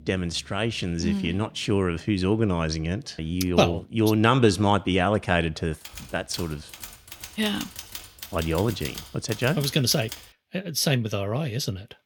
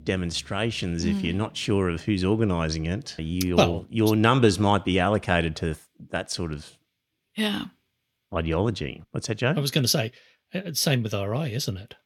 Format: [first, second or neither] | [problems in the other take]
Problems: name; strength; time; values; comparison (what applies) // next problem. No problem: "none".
second | keyboard typing; faint; from 6 to 10 s; peak 10 dB below the speech